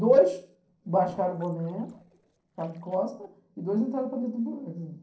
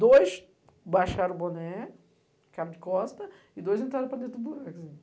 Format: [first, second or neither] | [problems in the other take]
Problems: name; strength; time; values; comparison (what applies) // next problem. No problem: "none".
second | noise reduction (neural separator model SepFormer DNS4)